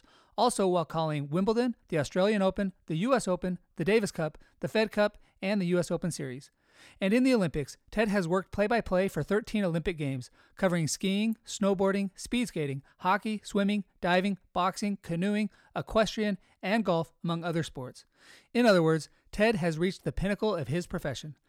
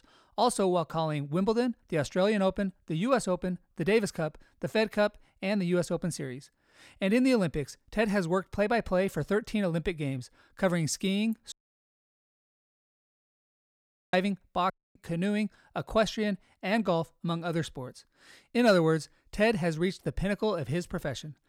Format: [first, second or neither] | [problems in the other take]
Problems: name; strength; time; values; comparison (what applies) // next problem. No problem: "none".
first | audio cutting out; at 12 s for 2.5 s and at 15 s